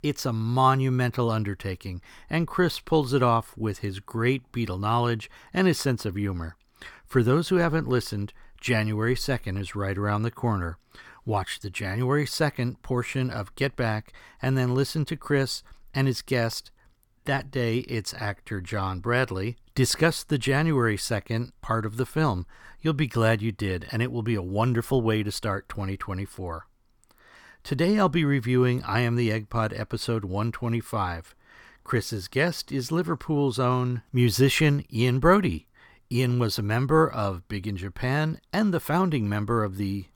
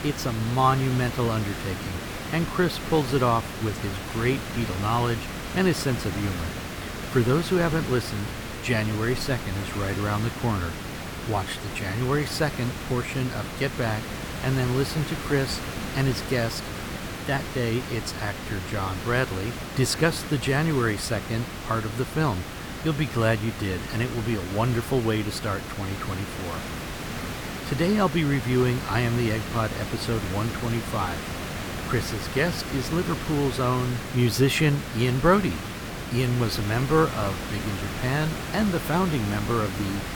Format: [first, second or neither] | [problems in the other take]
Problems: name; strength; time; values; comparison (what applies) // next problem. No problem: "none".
first | hiss; loud; throughout; 7 dB below the speech